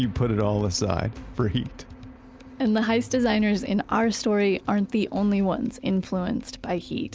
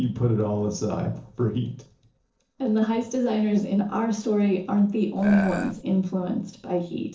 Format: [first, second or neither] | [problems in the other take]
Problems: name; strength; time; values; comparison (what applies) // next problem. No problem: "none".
first | noise reduction (neural separator model SepFormer DNS4)